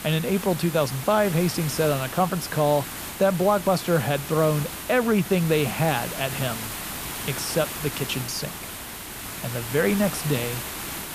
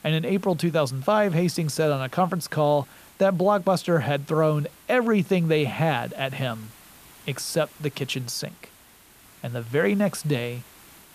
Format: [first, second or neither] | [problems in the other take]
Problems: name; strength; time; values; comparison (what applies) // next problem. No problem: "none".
second | hiss; loud; throughout; 8 dB below the speech; faint in the second